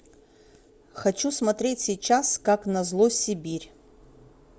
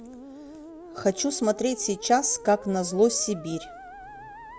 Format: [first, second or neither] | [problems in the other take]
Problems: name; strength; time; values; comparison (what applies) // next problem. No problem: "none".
first | background sound (Musical instrument); 16 dB below the speech